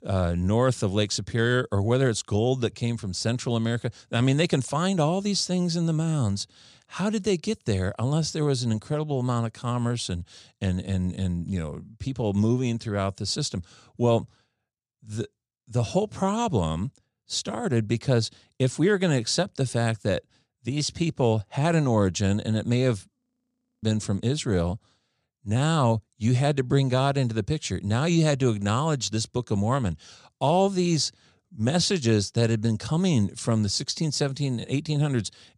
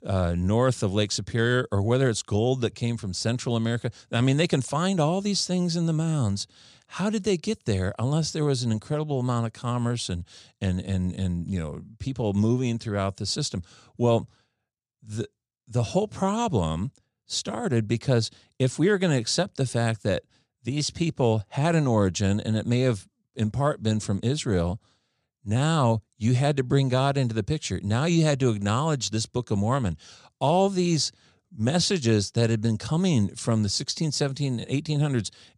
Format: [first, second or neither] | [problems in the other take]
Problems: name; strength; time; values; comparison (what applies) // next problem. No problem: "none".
second | audio freezing; at 23 s for 0.5 s